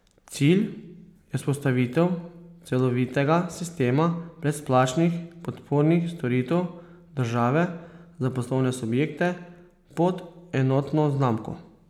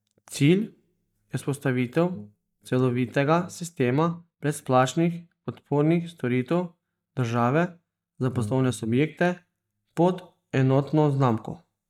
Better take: first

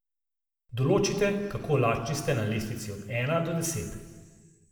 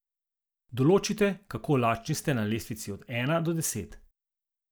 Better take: second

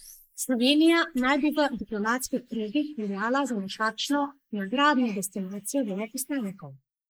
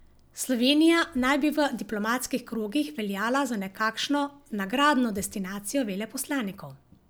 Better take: second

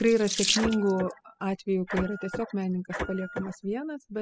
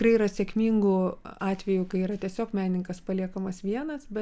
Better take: second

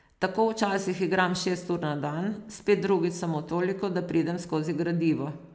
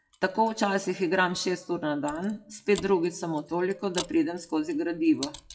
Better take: first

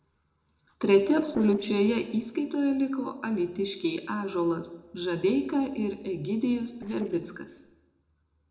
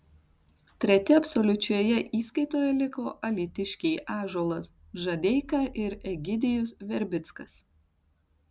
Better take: second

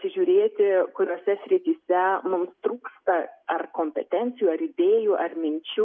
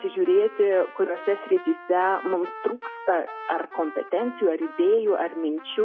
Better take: first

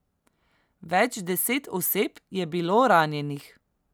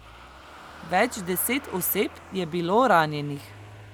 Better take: first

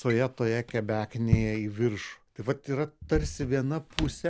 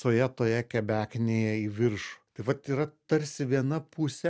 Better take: second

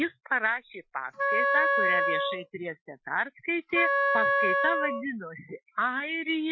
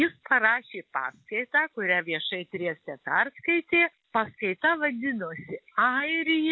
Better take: second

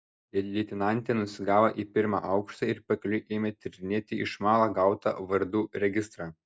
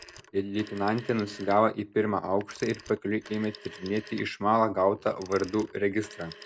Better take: first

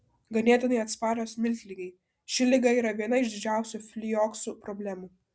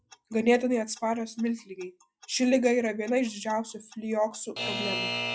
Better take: first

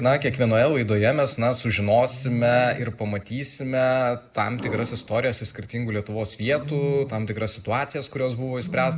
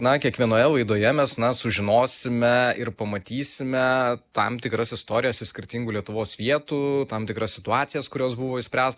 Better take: second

